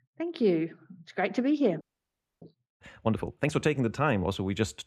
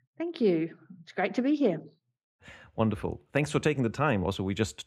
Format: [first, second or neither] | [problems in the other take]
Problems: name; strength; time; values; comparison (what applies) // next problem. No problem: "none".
second | audio freezing; at 2 s for 0.5 s